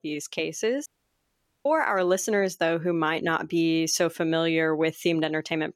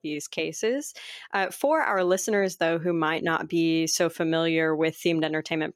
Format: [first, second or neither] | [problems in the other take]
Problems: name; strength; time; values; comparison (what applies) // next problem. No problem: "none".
second | audio cutting out; at 1 s for 1 s